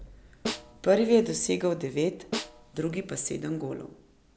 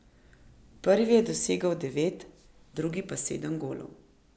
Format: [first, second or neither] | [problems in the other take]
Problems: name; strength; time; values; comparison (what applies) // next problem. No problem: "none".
second | background sound (Knock + Snare drum); 13 dB below the speech